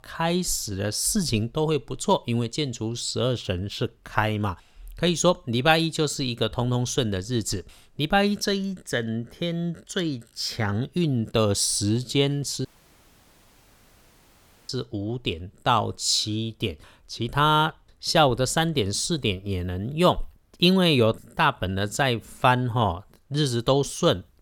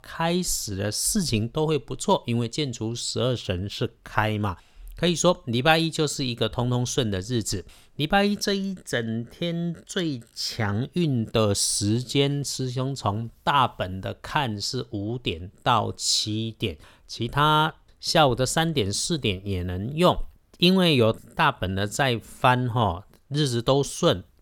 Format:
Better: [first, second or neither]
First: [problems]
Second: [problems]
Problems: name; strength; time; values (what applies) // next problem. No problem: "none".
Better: second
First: audio cutting out; at 13 s for 2 s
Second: none